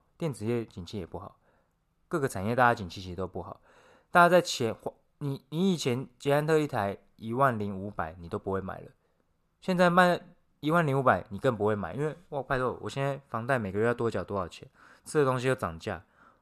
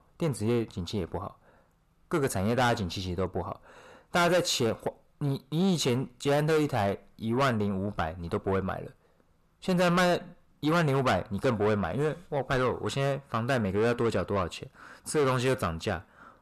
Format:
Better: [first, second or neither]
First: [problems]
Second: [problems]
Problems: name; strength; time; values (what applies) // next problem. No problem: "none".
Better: first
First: none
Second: distortion; heavy; 6 dB below the speech